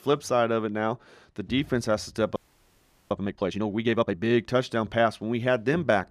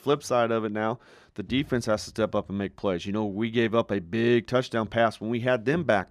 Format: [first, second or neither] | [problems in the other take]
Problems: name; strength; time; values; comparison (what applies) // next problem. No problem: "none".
second | audio freezing; at 2.5 s for 1 s